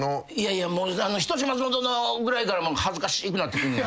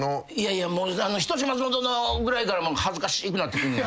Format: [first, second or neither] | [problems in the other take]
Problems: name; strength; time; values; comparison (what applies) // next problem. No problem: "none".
first | background sound (Breathing); 18 dB below the speech